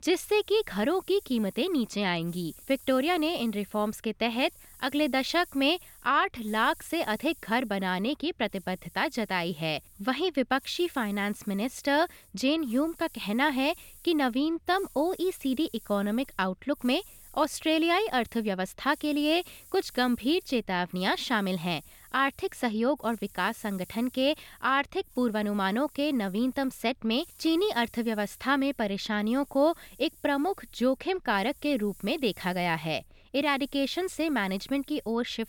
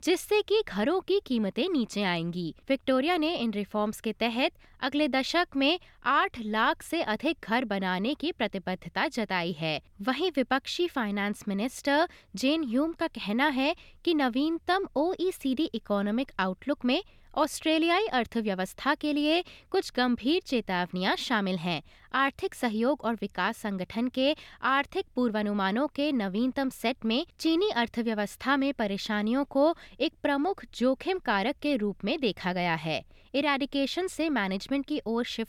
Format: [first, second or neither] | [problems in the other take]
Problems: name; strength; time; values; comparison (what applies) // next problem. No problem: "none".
second | hiss; faint; throughout; 20 dB below the speech